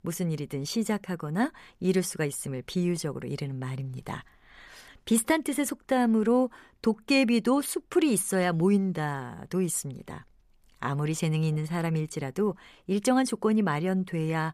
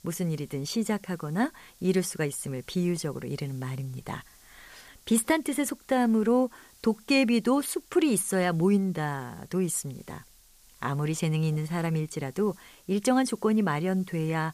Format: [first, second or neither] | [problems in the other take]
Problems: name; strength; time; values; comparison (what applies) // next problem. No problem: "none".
first | hiss; faint; throughout; 25 dB below the speech